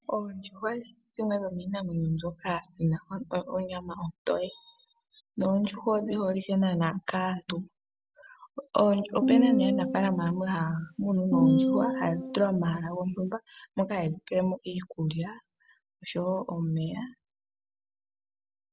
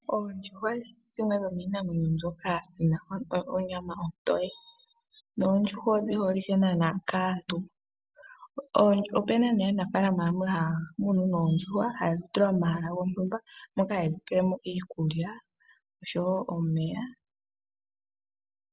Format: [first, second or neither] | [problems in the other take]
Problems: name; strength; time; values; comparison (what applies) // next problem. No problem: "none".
second | background sound (Piano); 2 dB above the speech